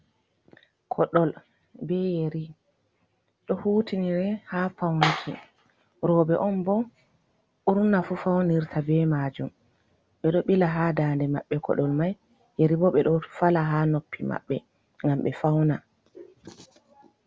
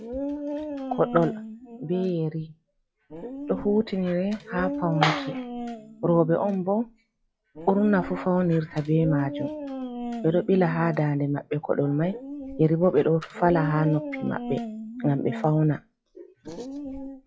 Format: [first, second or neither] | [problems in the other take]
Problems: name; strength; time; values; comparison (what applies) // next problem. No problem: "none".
first | noise reduction (classical method log-MMSE)